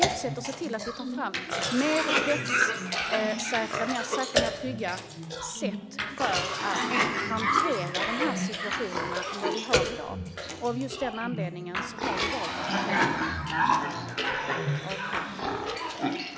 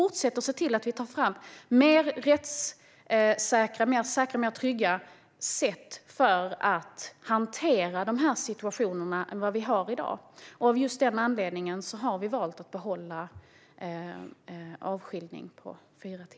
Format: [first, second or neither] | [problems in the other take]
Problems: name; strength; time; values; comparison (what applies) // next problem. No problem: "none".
second | background sound (Cough); 5 dB above the speech